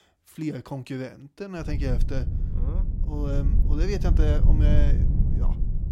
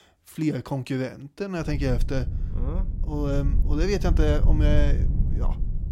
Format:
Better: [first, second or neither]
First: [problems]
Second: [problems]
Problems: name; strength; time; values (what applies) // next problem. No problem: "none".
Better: second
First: wind noise on the microphone; heavy; from 1.5 s on; 5 dB below the speech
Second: wind noise on the microphone; occasional gusts; from 1.5 s on; 10 dB below the speech